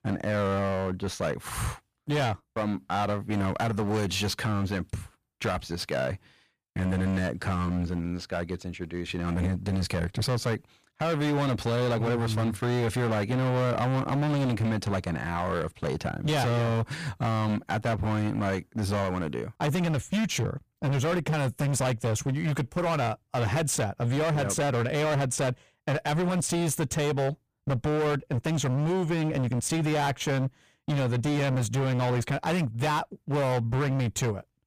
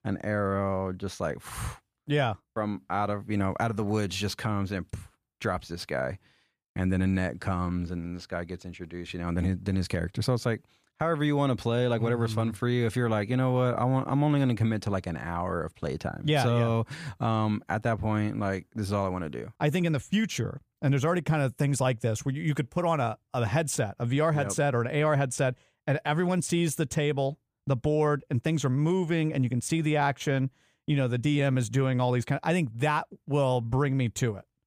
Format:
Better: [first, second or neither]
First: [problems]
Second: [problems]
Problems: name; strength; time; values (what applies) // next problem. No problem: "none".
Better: second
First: distortion; heavy; 24% of the sound clipped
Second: none